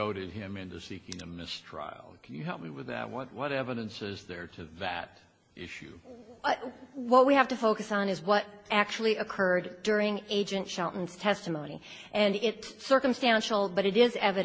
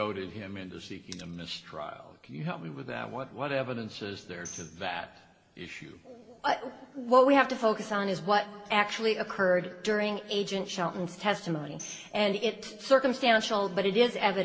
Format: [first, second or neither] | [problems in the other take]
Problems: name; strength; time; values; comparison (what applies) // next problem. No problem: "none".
first | noise reduction (neural separator model SepFormer DNS4)